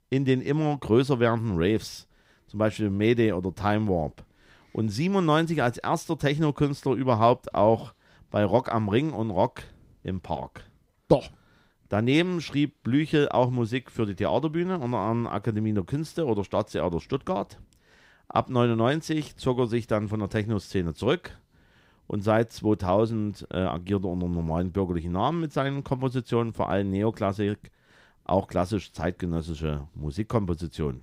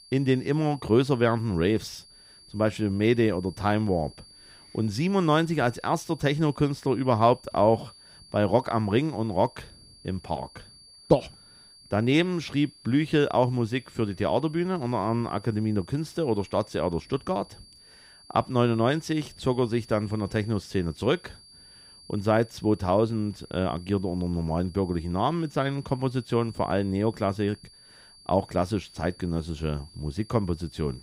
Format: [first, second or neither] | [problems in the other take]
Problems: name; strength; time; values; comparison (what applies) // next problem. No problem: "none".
first | high-pitched whine; faint; throughout; 4.5 kHz, 25 dB below the speech